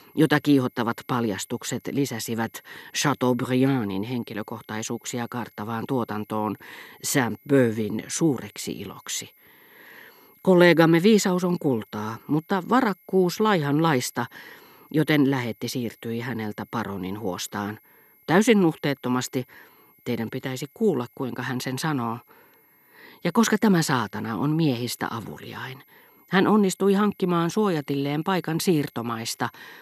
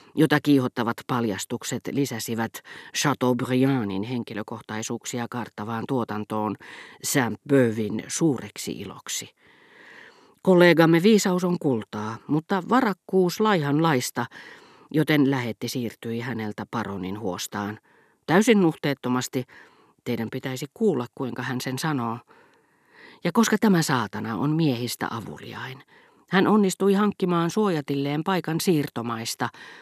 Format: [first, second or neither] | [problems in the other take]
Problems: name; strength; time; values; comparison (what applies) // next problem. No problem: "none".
second | high-pitched whine; faint; throughout; 11.5 kHz, 30 dB below the speech